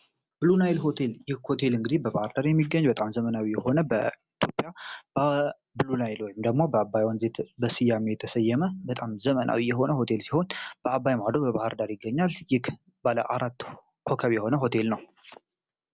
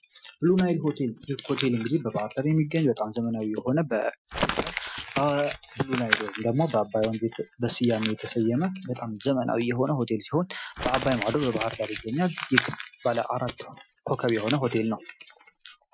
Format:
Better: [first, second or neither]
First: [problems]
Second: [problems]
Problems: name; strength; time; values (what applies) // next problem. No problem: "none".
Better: first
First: none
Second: noise reduction (classical method Wiener filter)